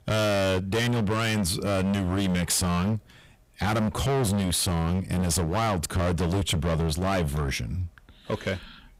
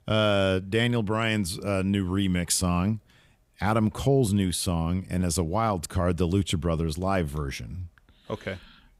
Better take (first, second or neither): second